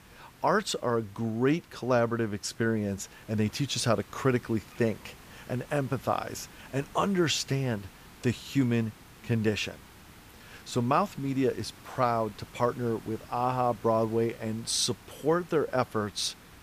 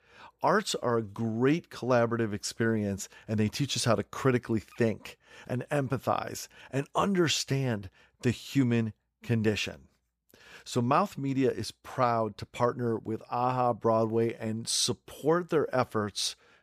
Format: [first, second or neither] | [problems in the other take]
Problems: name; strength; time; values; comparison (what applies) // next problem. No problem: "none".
second | hiss; faint; throughout; 20 dB below the speech